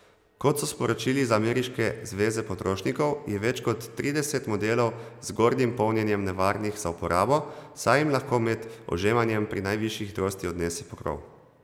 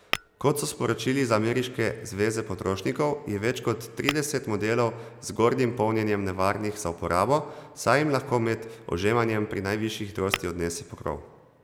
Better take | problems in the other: first | background sound (Tap / Glass); 8 dB below the speech

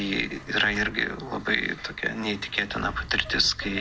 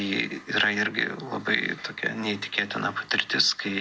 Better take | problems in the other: second | background sound (Squeak / Accelerating, revving, vroom / Vehicle); 14 dB below the speech

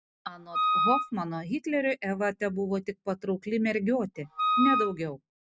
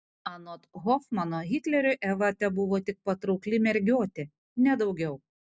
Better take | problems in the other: second | background sound (Wind instrument, woodwind instrument); 2 dB above the speech

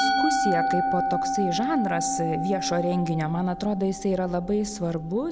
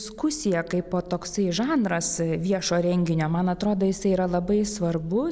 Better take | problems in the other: second | background sound (Musical instrument); 1 dB below the speech

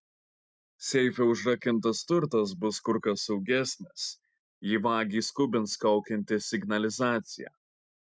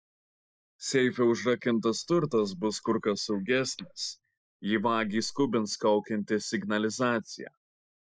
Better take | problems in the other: first | noise reduction (neural mask model Resemble Enhance denoiser)

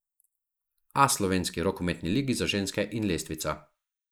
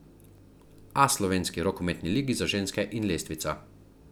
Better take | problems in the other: second | noise reduction (neural mask model Resemble Enhance denoiser)

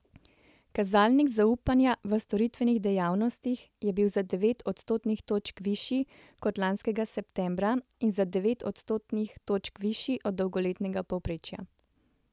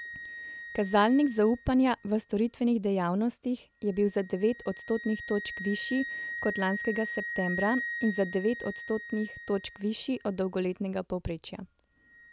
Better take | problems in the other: first | background sound (Wind instrument, woodwind instrument); 11 dB below the speech

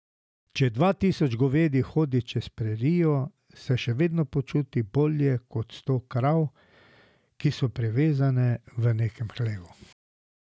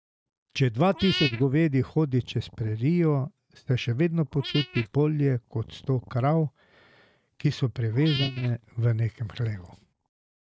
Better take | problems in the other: first | noise reduction (neural mask model RNNoise)

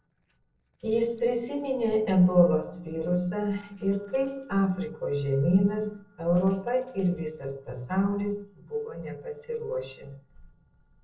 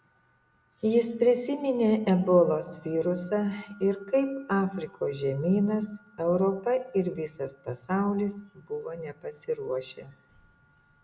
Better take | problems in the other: second | noise reduction (neural separator model SepFormer DNS4)

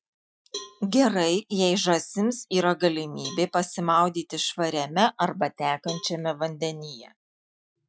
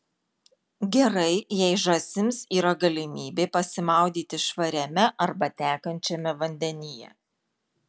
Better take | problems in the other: second | noise reduction (classical method Wiener filter)

